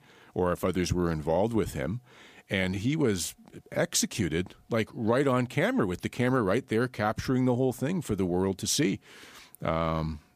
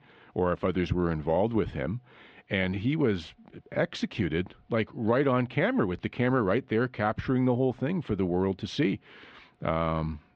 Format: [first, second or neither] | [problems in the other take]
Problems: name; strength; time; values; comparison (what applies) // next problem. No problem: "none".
first | muffled; very; fading above 3.5 kHz